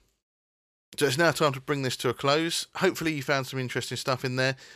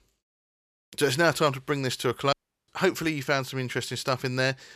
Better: first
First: none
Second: audio cutting out; at 2.5 s

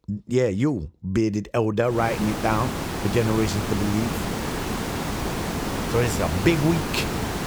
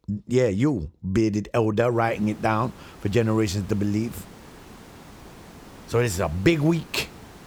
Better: second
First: hiss; loud; from 2 s on; 4 dB below the speech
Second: hiss; faint; from 2 s on; 20 dB below the speech

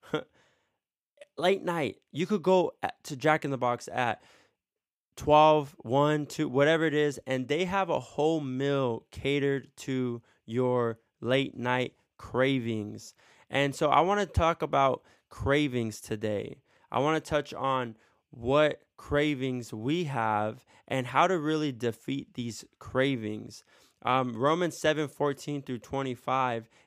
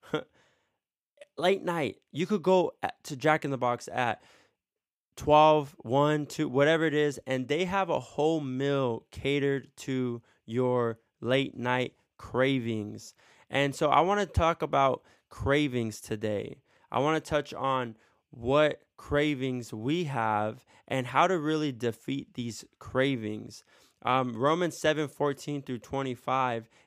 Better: neither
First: none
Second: none

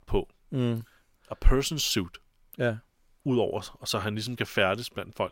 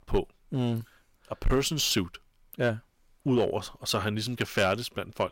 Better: first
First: none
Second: distortion; heavy; 4% of the sound clipped

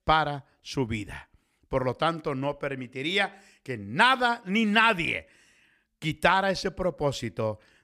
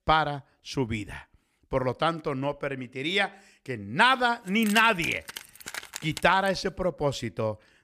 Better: first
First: none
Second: jangling keys; noticeable; from 4.5 to 6.5 s; peak 9 dB below the speech

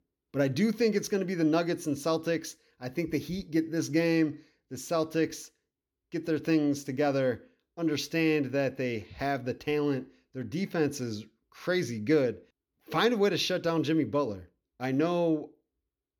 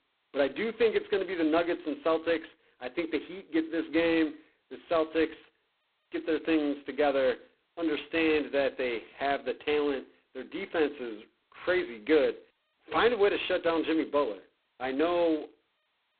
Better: first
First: none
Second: phone-call audio; poor line; nothing above 4 kHz

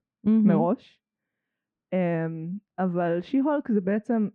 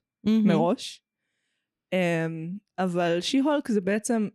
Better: second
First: muffled; very; fading above 1.5 kHz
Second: none

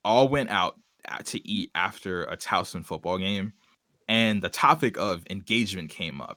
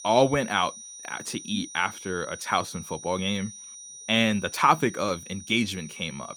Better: first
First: none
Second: high-pitched whine; noticeable; throughout; 6 kHz, 15 dB below the speech

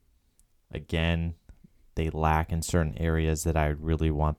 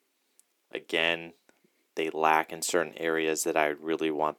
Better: first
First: none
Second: thin; very; fading below 350 Hz

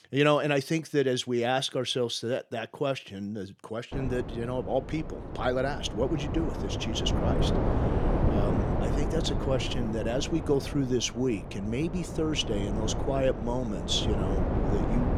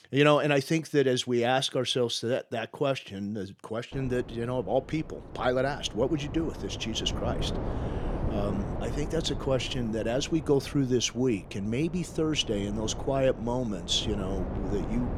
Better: second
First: wind noise on the microphone; heavy; from 4 s on; 5 dB below the speech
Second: wind noise on the microphone; occasional gusts; from 4 s on; 15 dB below the speech

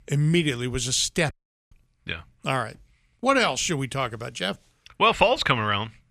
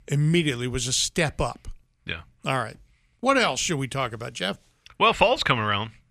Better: second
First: audio cutting out; at 1.5 s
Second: none

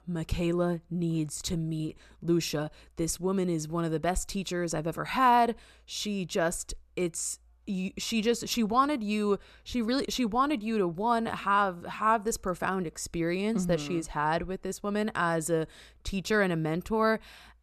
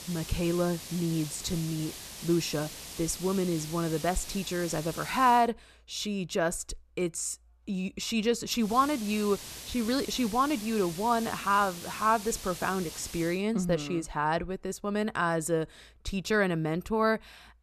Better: first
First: none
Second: hiss; noticeable; until 5.5 s and from 8.5 to 13 s; 10 dB below the speech

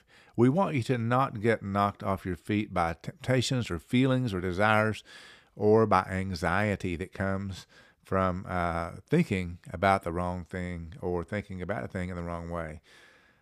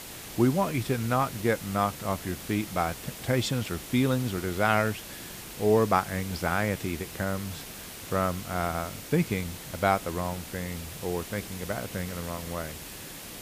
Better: first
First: none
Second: hiss; noticeable; throughout; 10 dB below the speech

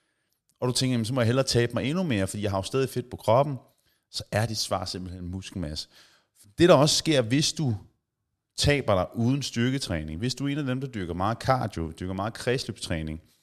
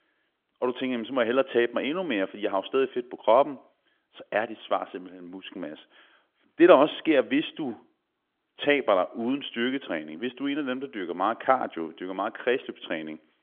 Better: first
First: none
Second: phone-call audio; nothing above 3.5 kHz

